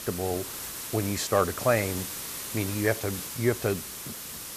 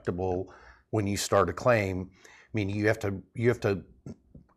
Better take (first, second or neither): second